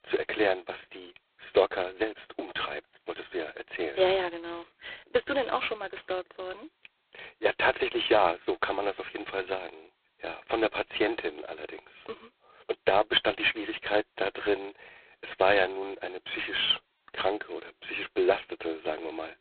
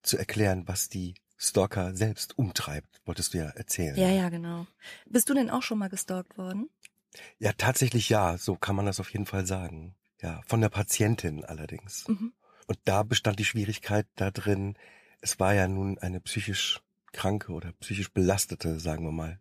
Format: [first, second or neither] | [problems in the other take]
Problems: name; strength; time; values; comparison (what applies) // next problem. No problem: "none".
second | phone-call audio; poor line